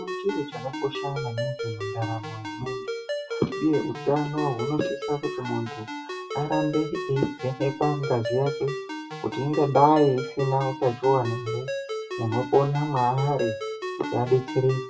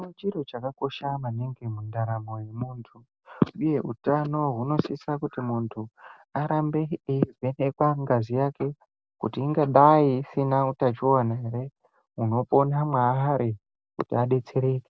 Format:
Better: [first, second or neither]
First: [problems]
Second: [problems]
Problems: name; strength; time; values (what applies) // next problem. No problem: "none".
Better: second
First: noise reduction (classical method WPE with log-MMSE)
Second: none